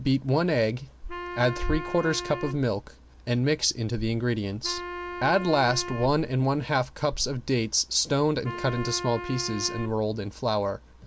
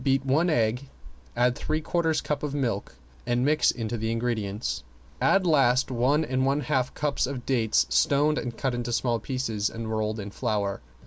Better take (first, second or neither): second